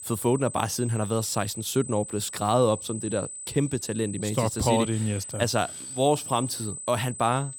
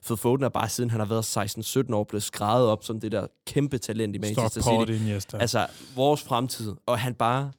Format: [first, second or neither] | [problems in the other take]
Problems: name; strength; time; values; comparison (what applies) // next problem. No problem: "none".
second | high-pitched whine; loud; throughout; 8 kHz, 9 dB below the speech